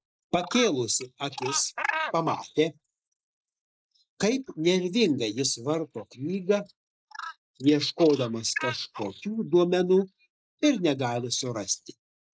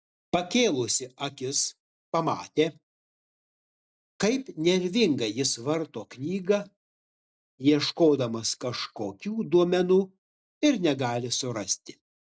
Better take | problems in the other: second | noise reduction (neural mask model Resemble Enhance denoiser)

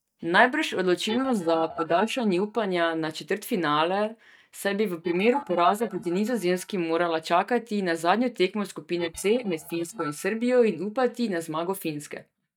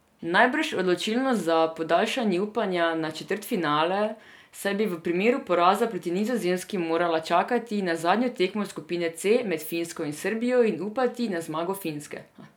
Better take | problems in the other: second | noise reduction (neural mask model DeepFilterNet 3)

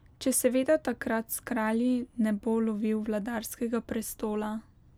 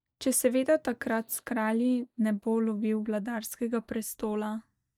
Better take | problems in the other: first | noise reduction (neural mask model DeepFilterNet 3)

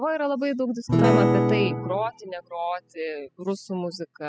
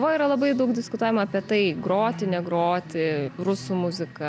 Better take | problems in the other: second | noise reduction (classical method spectral subtraction)

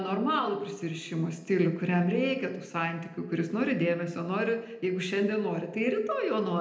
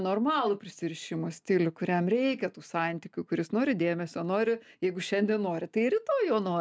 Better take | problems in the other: second | room echo; dies away in 0.8 s

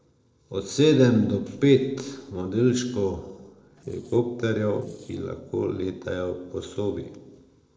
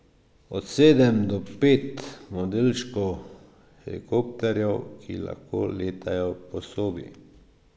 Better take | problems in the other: second | noise reduction (neural separator model SepFormer DNS4)

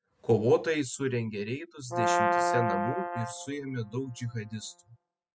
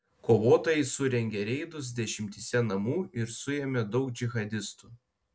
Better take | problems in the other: second | noise reduction (classical method spectral subtraction)

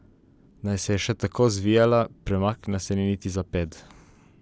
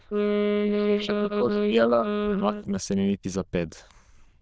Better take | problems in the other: first | noise reduction (neural diffusion model UNIVERSE++)

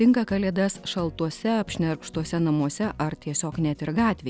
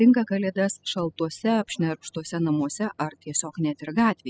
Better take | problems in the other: first | noise reduction (classical method spectral subtraction)

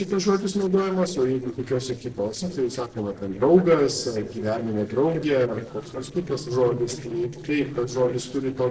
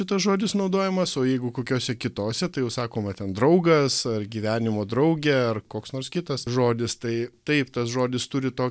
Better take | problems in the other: second | noise reduction (neural separator model SepFormer DNS4)

